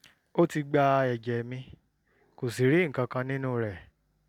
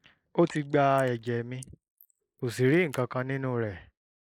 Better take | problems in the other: first | noise reduction (neural mask model Resemble Enhance denoiser)

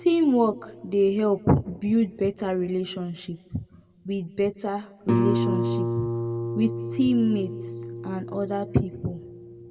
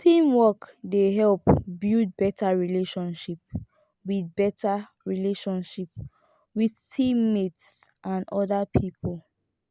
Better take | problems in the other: second | background sound (Guitar); 6 dB below the speech // room echo; dies away in 1 s

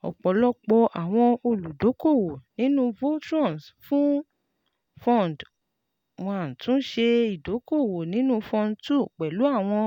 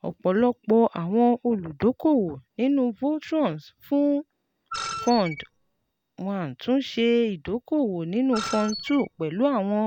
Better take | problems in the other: first | background sound (Screech); 11 dB below the speech

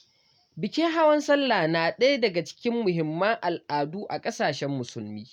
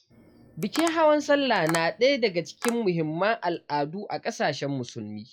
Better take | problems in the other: first | noise reduction (classical method log-MMSE)

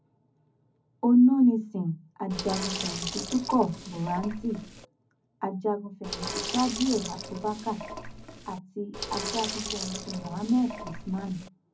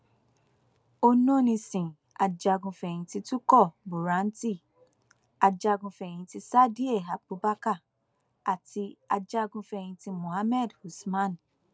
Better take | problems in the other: second | background sound (Sink (filling or washing)); 8 dB below the speech // room echo; dies away in 0.4 s

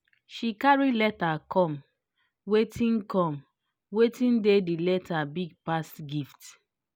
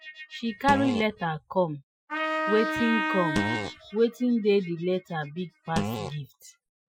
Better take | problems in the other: first | noise reduction (classical method Wiener filter)

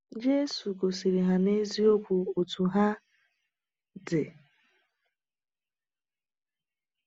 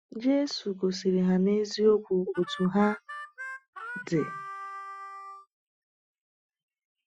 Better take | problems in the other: first | noise reduction (classical method Wiener filter)

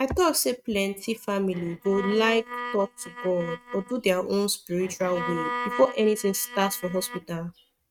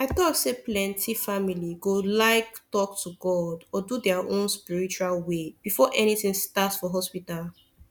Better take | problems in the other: second | noise reduction (neural mask model RNNoise)

